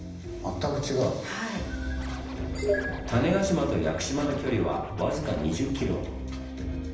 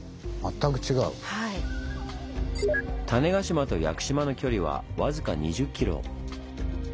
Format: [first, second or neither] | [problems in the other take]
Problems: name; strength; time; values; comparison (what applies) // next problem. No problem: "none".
second | background sound (Scratching (performance technique)); 16 dB below the speech // room echo; dies away in 0.9 s